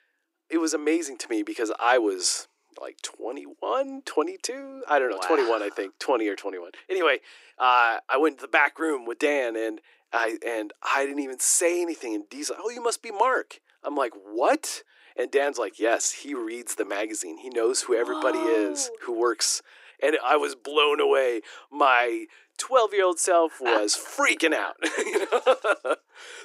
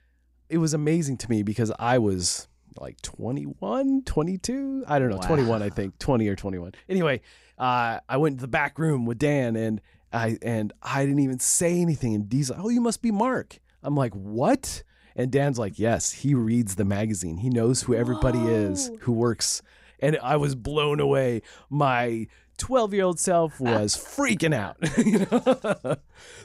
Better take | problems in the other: second | thin; very; fading below 300 Hz

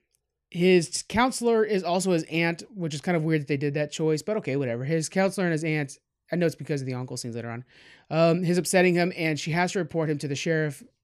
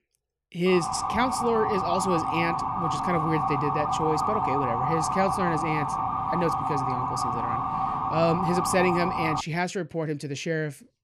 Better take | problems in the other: first | siren; loud; from 0.5 to 9.5 s; peak 2 dB above the speech

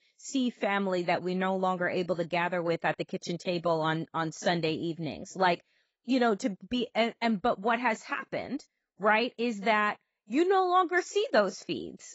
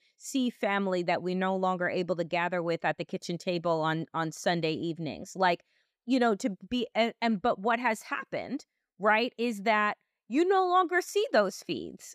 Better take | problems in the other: second | garbled, watery; badly; nothing above 7.5 kHz

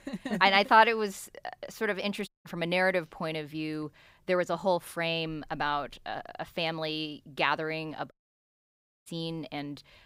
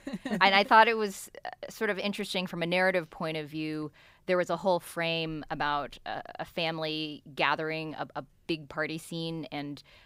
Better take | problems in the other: second | audio cutting out; at 2.5 s and at 8 s for 1 s

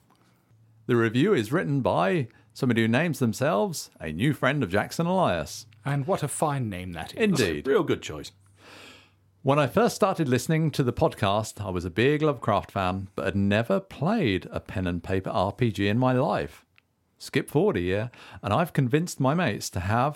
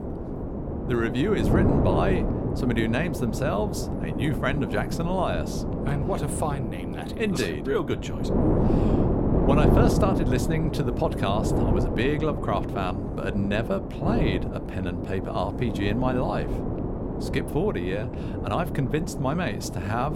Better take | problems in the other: first | wind noise on the microphone; heavy; 3 dB below the speech

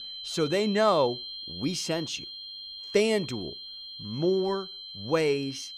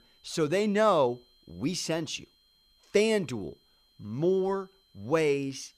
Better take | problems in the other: second | high-pitched whine; loud; throughout; 4 kHz, 10 dB below the speech; faint in the second

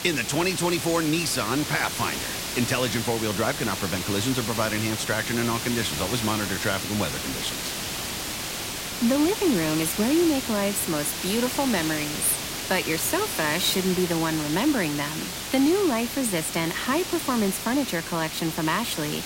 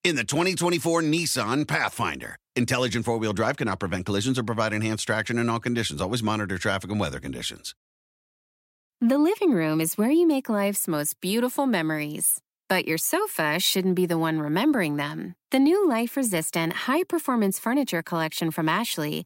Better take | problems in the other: second | hiss; loud; throughout; 4 dB below the speech

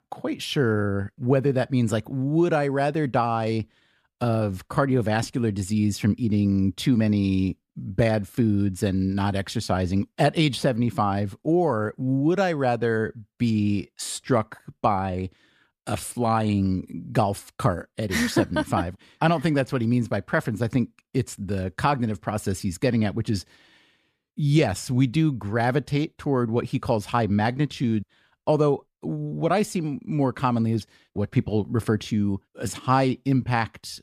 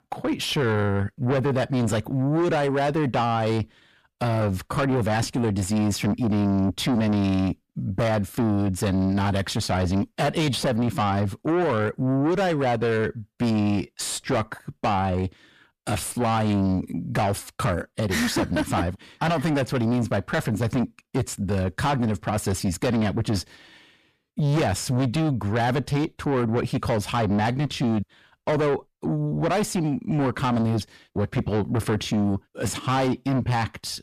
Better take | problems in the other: first | distortion; heavy; 7 dB below the speech

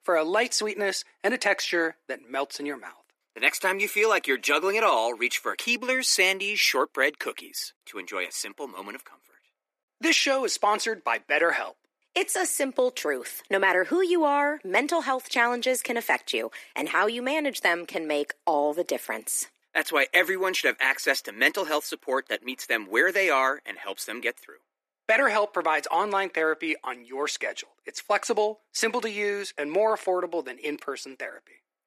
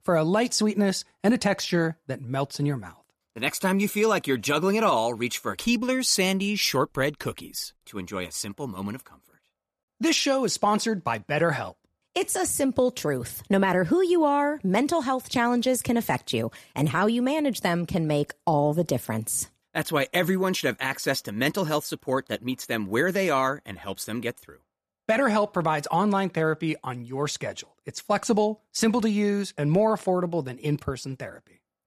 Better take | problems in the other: second | thin; somewhat; fading below 300 Hz

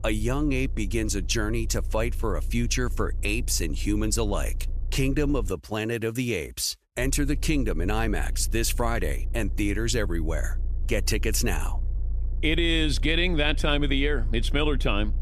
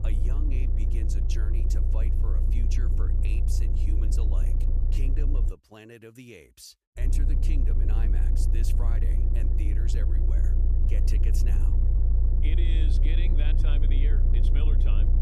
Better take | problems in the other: first | low rumble; loud; until 5.5 s and from 7 s on; as loud as the speech; faint in the first

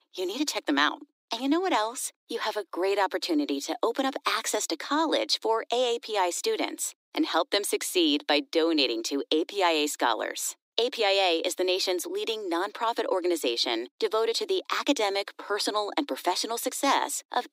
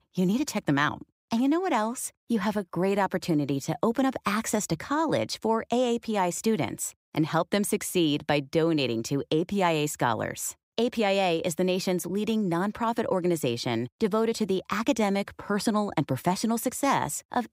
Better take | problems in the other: second | thin; somewhat; fading below 300 Hz

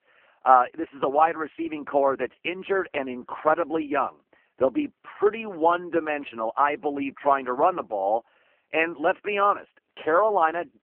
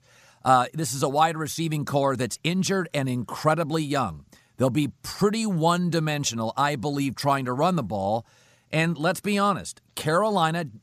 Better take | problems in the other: second | phone-call audio; poor line

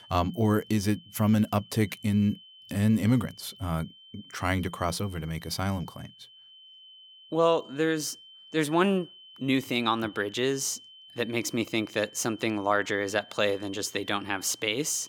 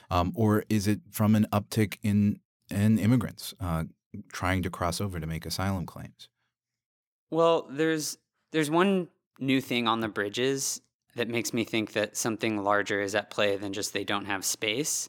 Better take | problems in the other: second | high-pitched whine; faint; throughout; 3 kHz, 20 dB below the speech

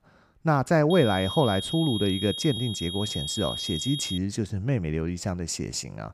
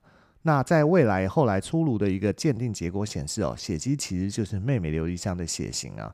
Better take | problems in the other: second | high-pitched whine; loud; from 1 to 4 s; 3.5 kHz, 6 dB below the speech

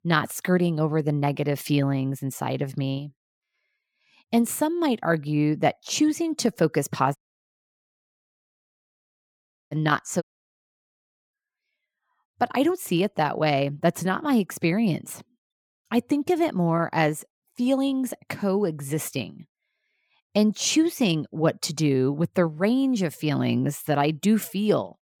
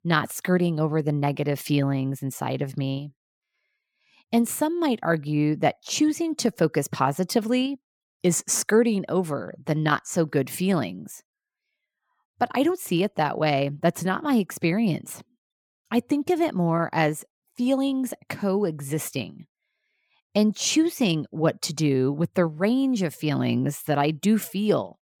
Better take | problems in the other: second | audio cutting out; at 7 s for 2.5 s and at 10 s for 1 s

